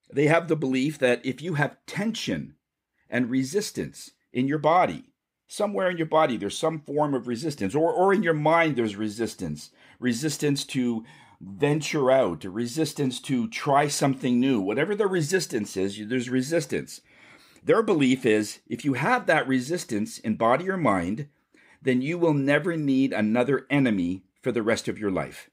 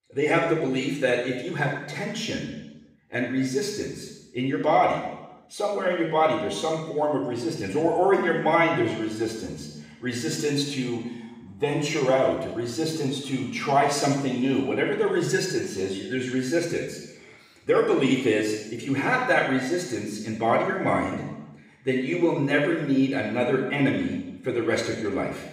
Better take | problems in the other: first | room echo; noticeable; dies away in 0.9 s // off-mic speech; far

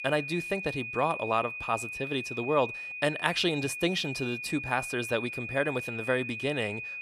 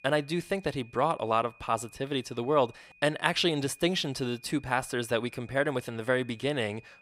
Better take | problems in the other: second | high-pitched whine; loud; throughout; 2.5 kHz, 5 dB below the speech; faint in the second

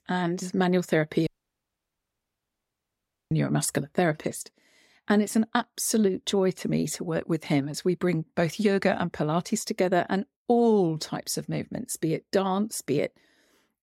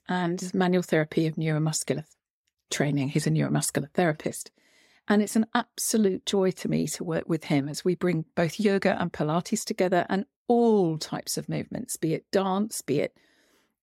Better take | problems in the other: second | audio cutting out; at 1.5 s for 2 s

